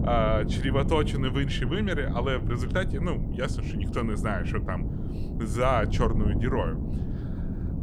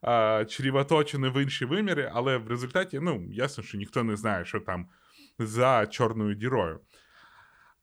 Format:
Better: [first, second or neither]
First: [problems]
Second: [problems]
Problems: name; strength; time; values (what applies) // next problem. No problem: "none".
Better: second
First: wind noise on the microphone; occasional gusts; 10 dB below the speech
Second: none